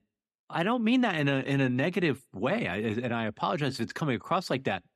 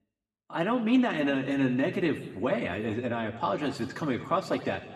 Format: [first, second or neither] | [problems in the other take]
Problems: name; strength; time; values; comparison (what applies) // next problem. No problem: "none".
first | room echo; slight; dies away in 1.4 s // off-mic speech; somewhat distant